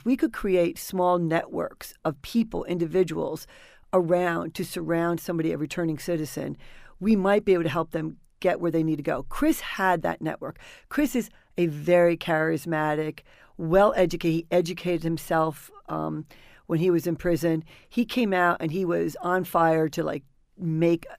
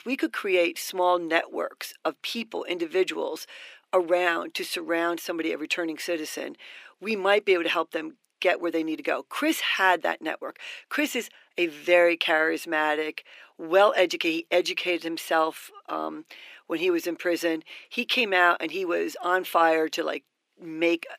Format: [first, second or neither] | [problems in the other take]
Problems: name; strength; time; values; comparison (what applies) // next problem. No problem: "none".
first | thin; somewhat; fading below 300 Hz